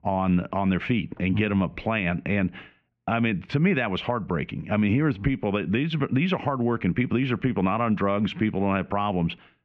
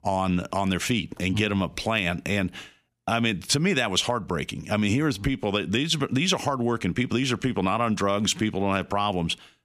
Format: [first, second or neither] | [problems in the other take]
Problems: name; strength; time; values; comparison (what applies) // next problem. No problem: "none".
second | muffled; very; fading above 2.5 kHz